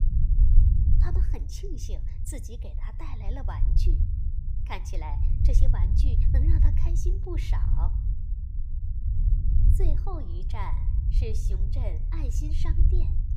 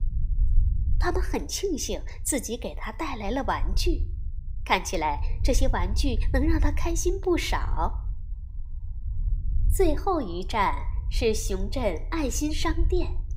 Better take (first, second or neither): second